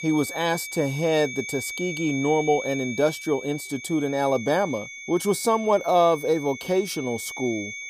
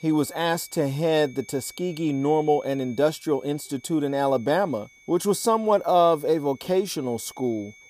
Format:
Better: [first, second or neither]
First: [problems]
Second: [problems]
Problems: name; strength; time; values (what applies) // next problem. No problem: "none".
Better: second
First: high-pitched whine; loud; throughout; 2.5 kHz, 10 dB below the speech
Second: high-pitched whine; faint; throughout; 2.5 kHz, 25 dB below the speech